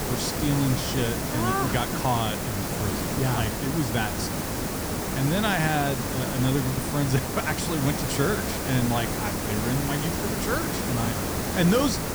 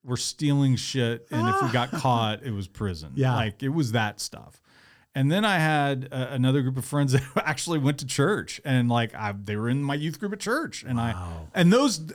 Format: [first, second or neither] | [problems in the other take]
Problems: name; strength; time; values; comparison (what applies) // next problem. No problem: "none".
second | hiss; loud; throughout; 1 dB below the speech